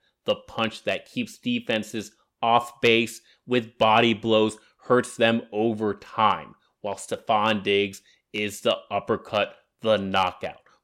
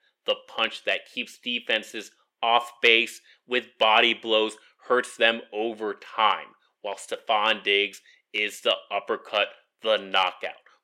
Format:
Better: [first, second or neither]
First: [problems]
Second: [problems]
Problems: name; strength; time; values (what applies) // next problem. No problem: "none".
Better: first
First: none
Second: thin; somewhat; fading below 400 Hz